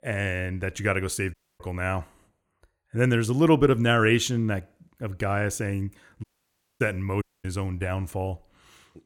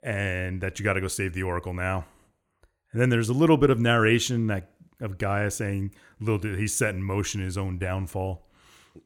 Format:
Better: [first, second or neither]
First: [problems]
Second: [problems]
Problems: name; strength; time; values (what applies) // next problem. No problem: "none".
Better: second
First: audio cutting out; at 1.5 s, at 6 s for 0.5 s and at 7 s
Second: none